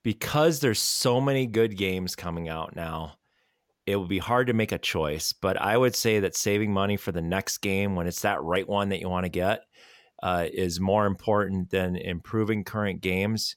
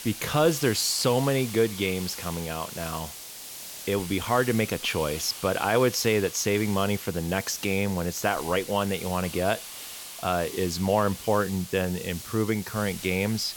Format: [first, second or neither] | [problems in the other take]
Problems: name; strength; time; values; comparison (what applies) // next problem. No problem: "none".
first | hiss; noticeable; throughout; 10 dB below the speech